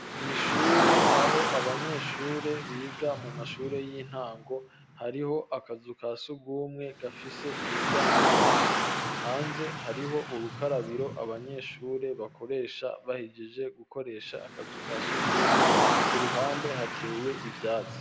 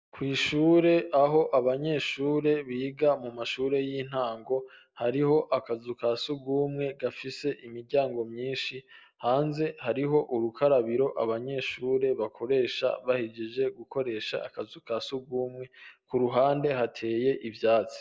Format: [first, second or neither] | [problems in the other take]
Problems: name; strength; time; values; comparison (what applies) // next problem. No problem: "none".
second | background sound (Car); 4 dB above the speech